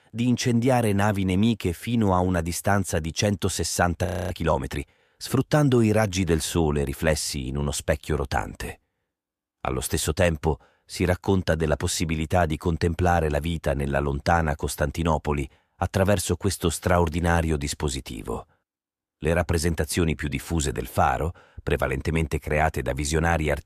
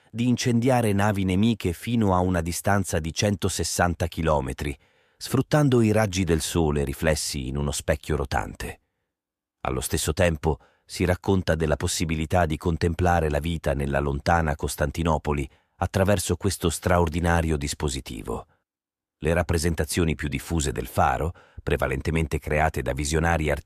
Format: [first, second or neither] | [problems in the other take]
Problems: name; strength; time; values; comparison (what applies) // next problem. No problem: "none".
second | audio freezing; at 4 s